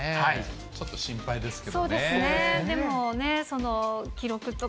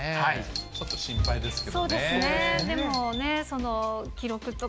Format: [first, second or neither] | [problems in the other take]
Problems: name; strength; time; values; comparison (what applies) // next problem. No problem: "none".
first | background sound (Bowed string instrument + Doorbell); 6 dB below the speech